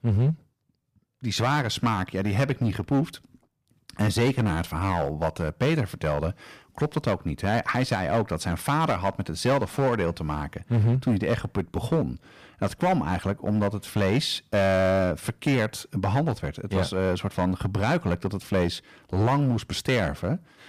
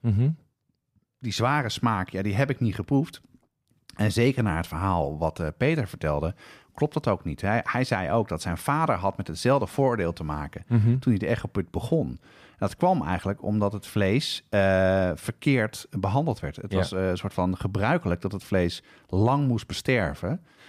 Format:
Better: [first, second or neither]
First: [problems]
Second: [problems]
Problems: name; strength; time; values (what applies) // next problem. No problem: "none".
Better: second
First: distortion; slight; 7% of the sound clipped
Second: none